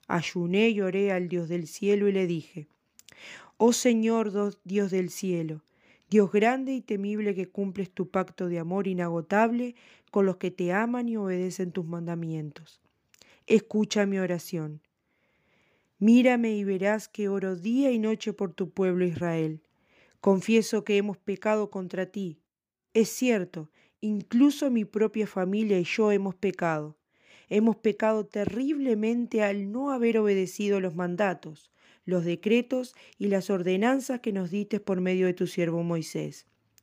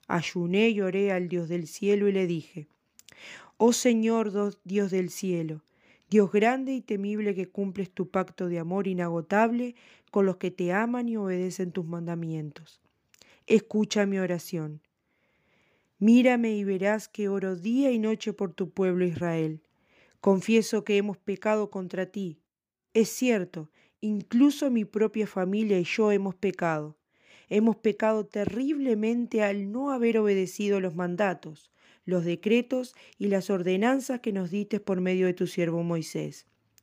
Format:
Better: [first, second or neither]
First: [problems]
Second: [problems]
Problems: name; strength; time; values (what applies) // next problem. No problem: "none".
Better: neither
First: none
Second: none